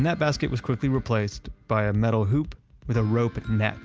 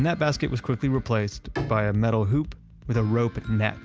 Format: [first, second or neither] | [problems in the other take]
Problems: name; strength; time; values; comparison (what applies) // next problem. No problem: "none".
first | background sound (Bowed string instrument); 16 dB below the speech